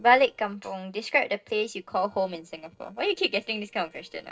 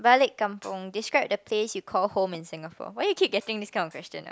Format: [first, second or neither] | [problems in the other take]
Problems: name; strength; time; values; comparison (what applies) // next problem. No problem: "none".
second | noise reduction (neural separator model SepFormer DNS4)